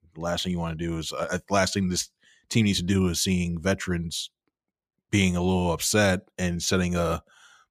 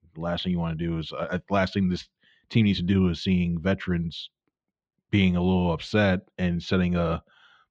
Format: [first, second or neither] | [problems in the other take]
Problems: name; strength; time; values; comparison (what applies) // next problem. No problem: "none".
first | muffled; slightly; fading above 3.5 kHz